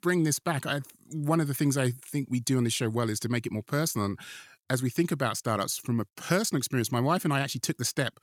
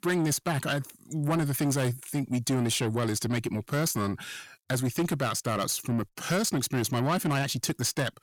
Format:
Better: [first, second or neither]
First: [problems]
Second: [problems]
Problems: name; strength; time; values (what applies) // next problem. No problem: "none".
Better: first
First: none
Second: distortion; slight; 10 dB below the speech